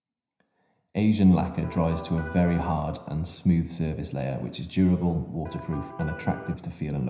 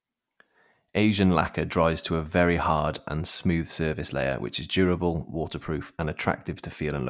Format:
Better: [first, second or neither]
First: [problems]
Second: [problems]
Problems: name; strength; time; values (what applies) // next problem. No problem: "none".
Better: second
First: background sound (Electric guitar); 14 dB below the speech // room echo; dies away in 0.7 s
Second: none